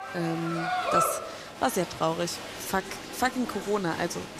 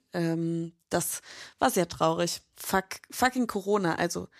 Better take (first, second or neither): second